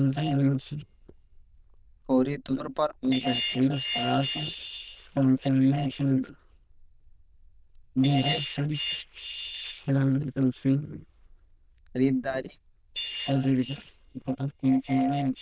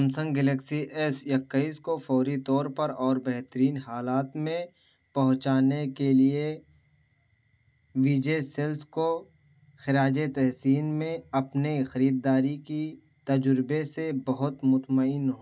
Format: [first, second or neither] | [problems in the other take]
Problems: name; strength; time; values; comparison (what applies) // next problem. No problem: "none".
second | noise reduction (neural diffusion model UNIVERSE++)